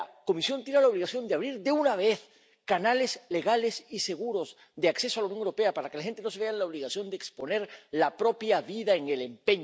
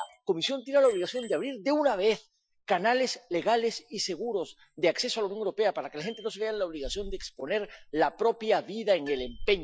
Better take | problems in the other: first | noise reduction (classical method Wiener filter)

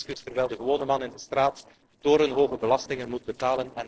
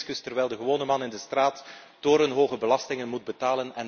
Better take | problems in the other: second | noise reduction (neural separator model SepFormer DNS4)

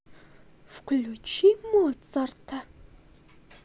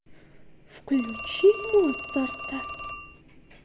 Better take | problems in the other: first | background sound (Telephone); 12 dB below the speech // room echo; dies away in 1.8 s

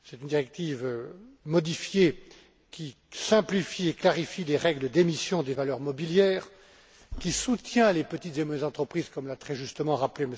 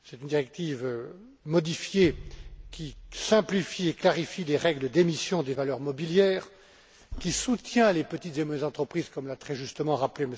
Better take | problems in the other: first | background sound (Bass drum); 16 dB below the speech

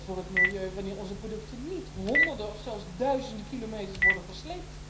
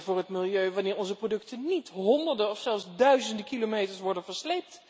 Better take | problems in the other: second | background sound (Telephone); 3 dB above the speech // room echo; dies away in 0.5 s

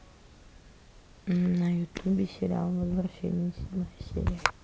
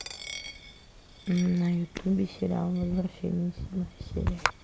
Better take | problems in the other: first | background sound (Coin (dropping)); 18 dB below the speech

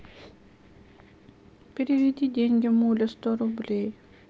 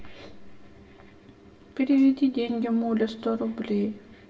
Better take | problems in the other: first | room echo; dies away in 0.7 s

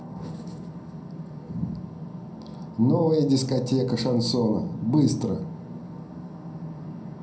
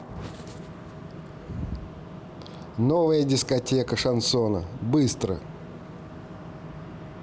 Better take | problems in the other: second | room echo; dies away in 0.6 s

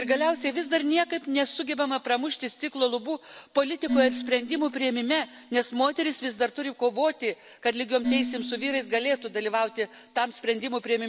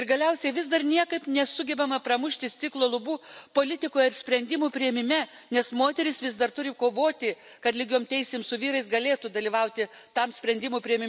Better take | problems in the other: second | background sound (Dishes, pots, and pans); 10 dB below the speech

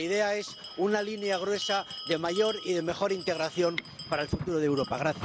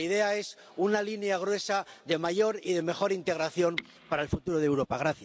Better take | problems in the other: second | background sound (Bell); 12 dB below the speech

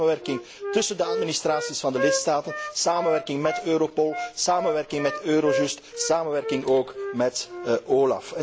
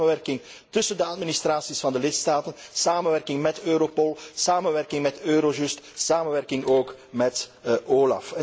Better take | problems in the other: second | background sound (Wind instrument, woodwind instrument); 7 dB below the speech

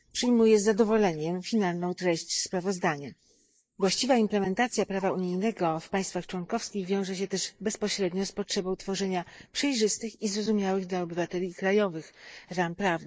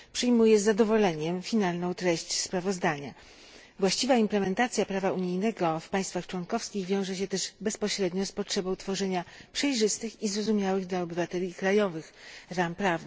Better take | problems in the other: second | noise reduction (neural mask model Resemble Enhance denoiser)

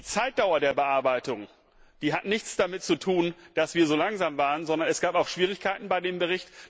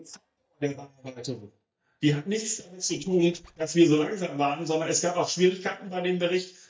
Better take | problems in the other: first | noise reduction (neural mask model DeepFilterNet 3)

